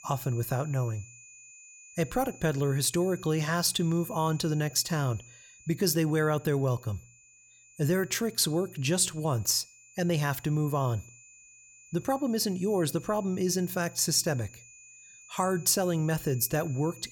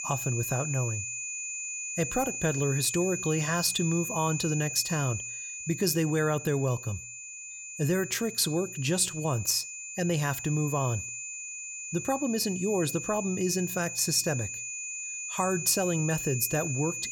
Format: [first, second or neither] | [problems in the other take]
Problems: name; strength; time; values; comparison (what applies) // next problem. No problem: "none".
first | high-pitched whine; loud; throughout; 7 kHz, 6 dB below the speech; faint in the first